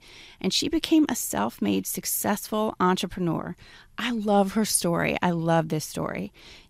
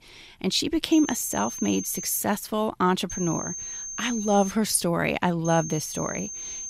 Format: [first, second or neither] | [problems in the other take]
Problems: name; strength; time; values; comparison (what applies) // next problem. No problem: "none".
first | high-pitched whine; loud; from 1 to 2 s, from 3 to 4.5 s and from 5.5 s on; 6.5 kHz, 8 dB below the speech